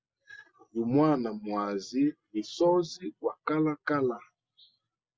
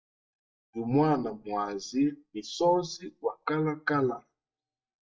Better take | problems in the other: first | noise reduction (neural mask model DeepFilterNet 3)

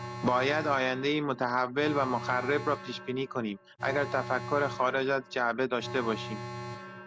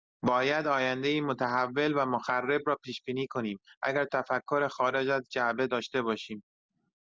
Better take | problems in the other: second | background sound (Alarm); 11 dB below the speech

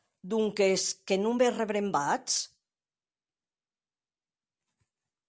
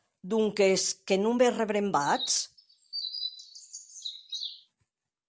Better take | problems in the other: first | background sound (Chirp, tweet); 10 dB below the speech

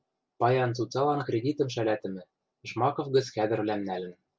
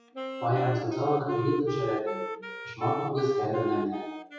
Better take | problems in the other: first | noise reduction (classical method WPE with log-MMSE)

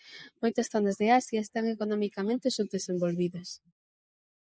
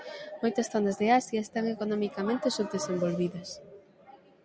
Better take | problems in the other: second | noise reduction (neural mask model Resemble Enhance denoiser)

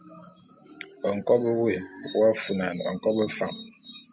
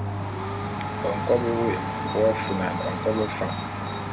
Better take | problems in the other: first | background sound (Domestic sounds, home sounds); 2 dB below the speech

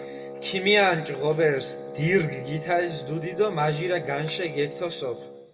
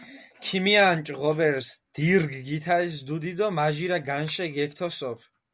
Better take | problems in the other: second | background sound (Wind instrument, woodwind instrument); 11 dB below the speech // room echo; dies away in 0.9 s

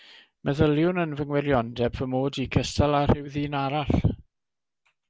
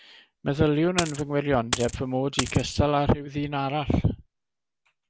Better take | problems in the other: first | background sound (Coin (dropping)); 6 dB below the speech

